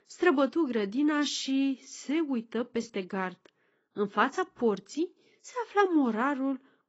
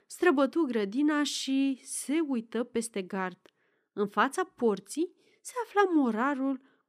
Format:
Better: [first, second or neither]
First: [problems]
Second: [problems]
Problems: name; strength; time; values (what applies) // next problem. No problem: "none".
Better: second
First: garbled, watery; badly; nothing above 7.5 kHz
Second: none